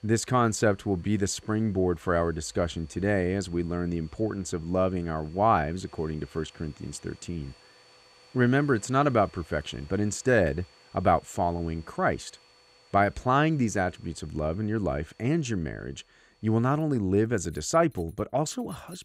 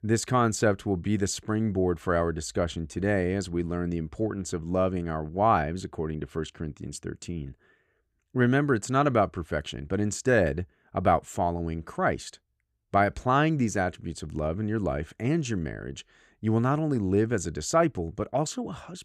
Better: second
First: household noises; faint; throughout; 30 dB below the speech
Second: none

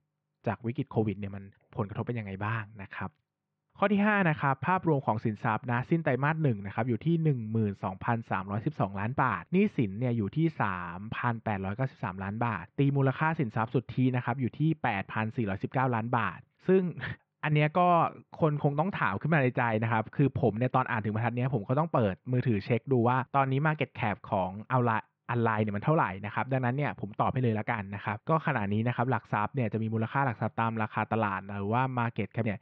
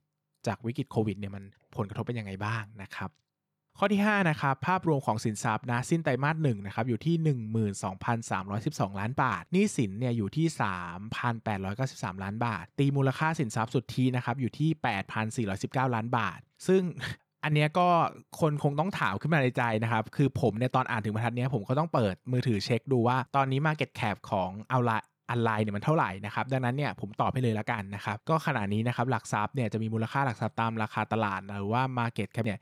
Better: second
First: muffled; very; fading above 3 kHz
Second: none

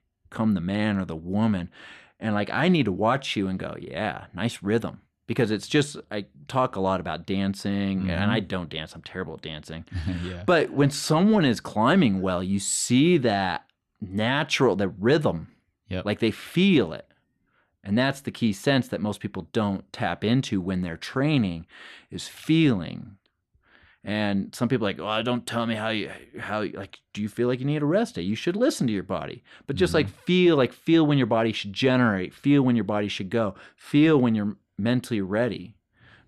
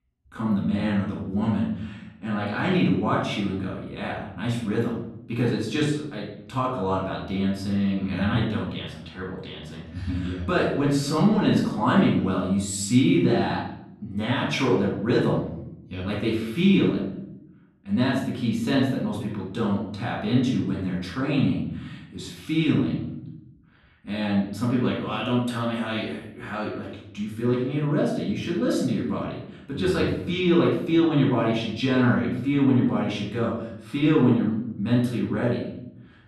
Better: first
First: none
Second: off-mic speech; far // room echo; noticeable; dies away in 0.7 s

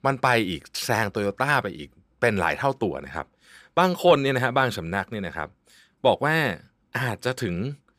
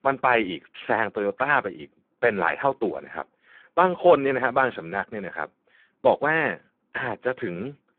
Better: first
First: none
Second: phone-call audio; poor line

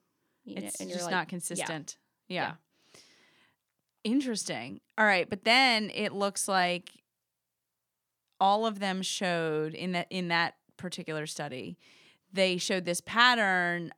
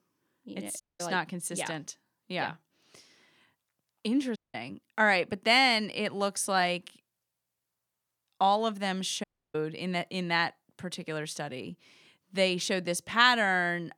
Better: first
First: none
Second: audio cutting out; at 1 s, at 4.5 s and at 9 s

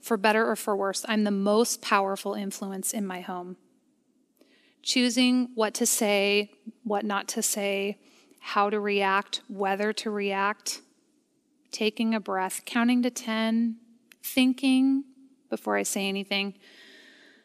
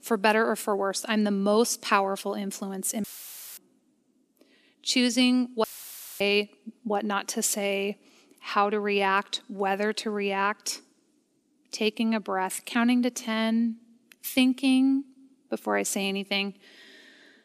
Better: first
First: none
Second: audio cutting out; filled with static; at 3 s for 0.5 s and at 5.5 s for 0.5 s

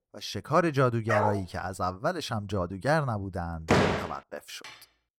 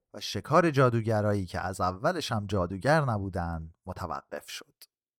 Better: second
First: dog barking; loud; at 1 s; peak 1 dB above the speech // door banging; loud; at 3.5 s; peak 5 dB above the speech // clattering dishes; faint; at 4.5 s; peak 20 dB below the speech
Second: none

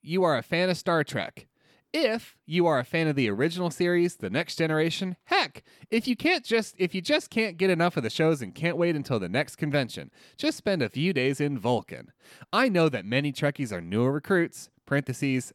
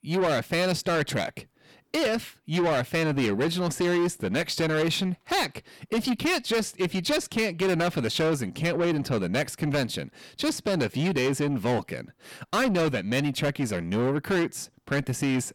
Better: first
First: none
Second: distortion; heavy; 7 dB below the speech

